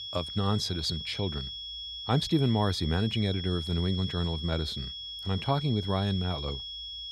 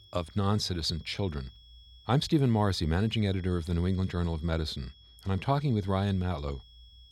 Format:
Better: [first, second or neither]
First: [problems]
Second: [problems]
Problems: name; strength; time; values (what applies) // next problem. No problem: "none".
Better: second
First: high-pitched whine; loud; throughout; 3.5 kHz, 7 dB below the speech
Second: high-pitched whine; faint; throughout; 3.5 kHz, 25 dB below the speech